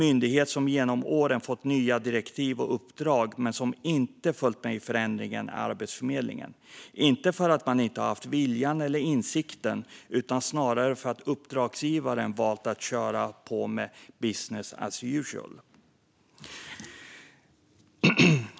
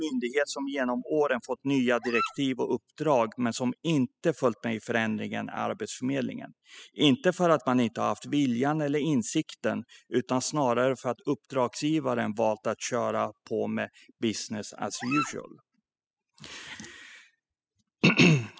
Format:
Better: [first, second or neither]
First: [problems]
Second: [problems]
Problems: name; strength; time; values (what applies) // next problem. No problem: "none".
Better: first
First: none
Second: noise reduction (classical method spectral subtraction)